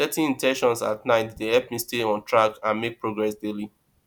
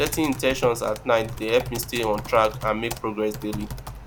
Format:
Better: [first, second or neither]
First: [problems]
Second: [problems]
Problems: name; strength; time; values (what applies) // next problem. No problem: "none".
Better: first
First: none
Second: background sound (Typing); 11 dB below the speech